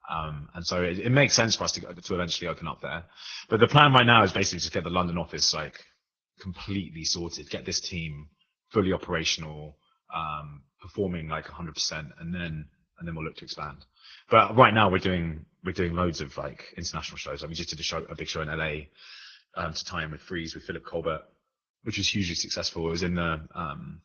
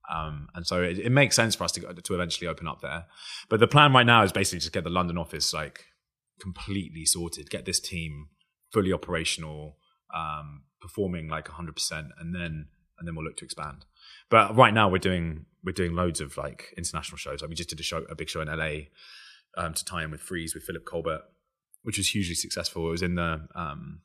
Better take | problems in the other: second | garbled, watery; badly; nothing above 6.5 kHz

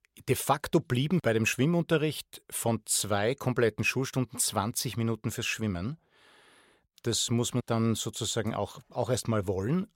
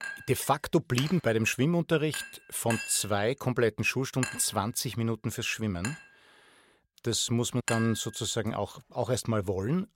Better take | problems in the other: first | clattering dishes; noticeable; until 8 s; peak 5 dB below the speech

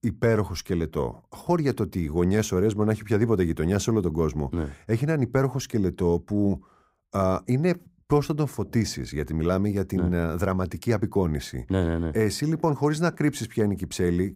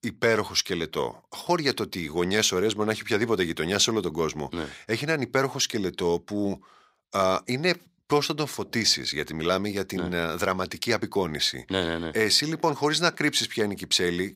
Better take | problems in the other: first | thin; somewhat; fading below 550 Hz

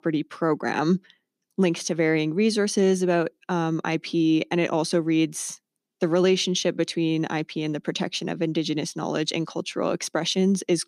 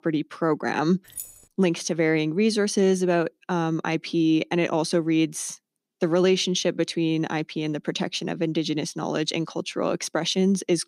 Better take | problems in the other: first | jangling keys; faint; at 1 s; peak 10 dB below the speech

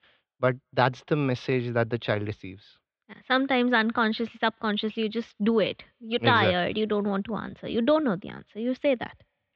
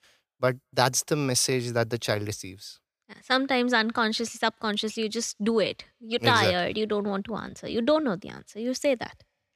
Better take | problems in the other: second | muffled; very; fading above 3.5 kHz

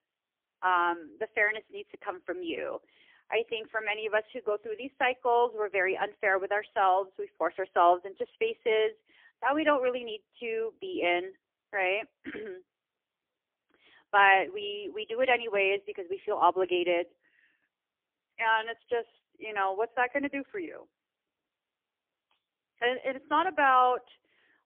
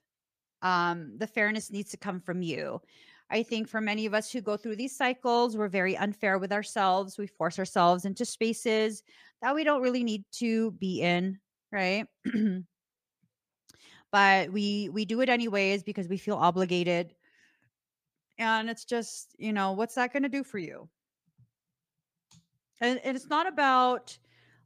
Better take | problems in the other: second | phone-call audio; poor line; nothing above 3 kHz

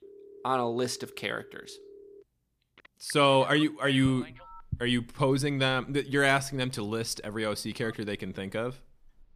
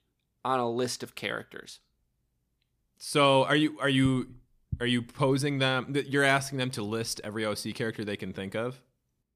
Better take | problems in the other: second | alarms or sirens; faint; throughout; 20 dB below the speech

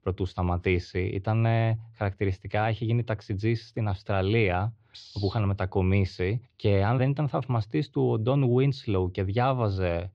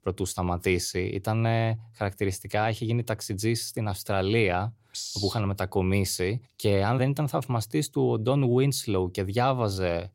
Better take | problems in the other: second | muffled; slightly; fading above 3.5 kHz

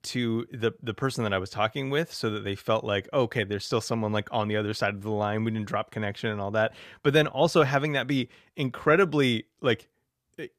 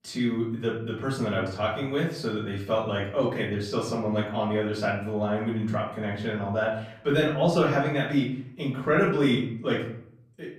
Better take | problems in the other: first | off-mic speech; far // room echo; noticeable; dies away in 0.7 s

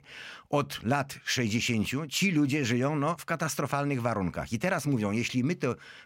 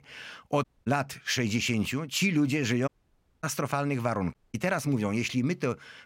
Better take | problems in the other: first | audio cutting out; at 0.5 s, at 3 s for 0.5 s and at 4.5 s

